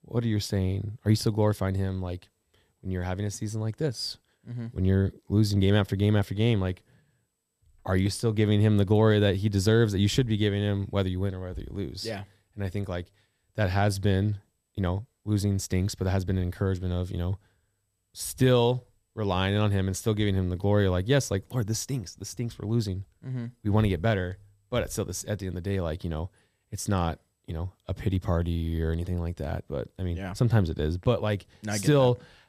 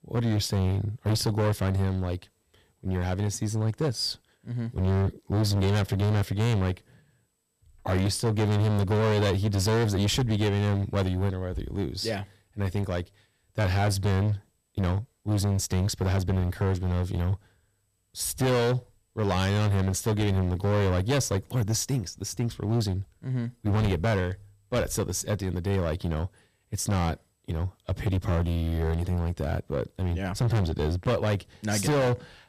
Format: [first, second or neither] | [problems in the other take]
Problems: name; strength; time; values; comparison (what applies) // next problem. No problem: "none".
first | distortion; heavy; 15% of the sound clipped